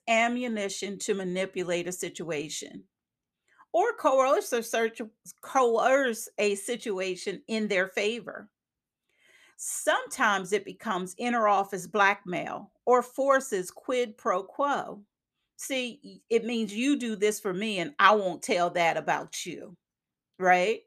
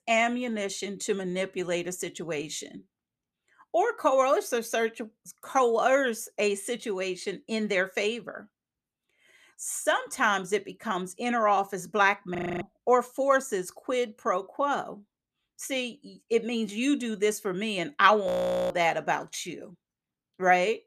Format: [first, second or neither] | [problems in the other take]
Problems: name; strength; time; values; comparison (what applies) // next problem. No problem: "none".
first | audio freezing; at 12 s and at 18 s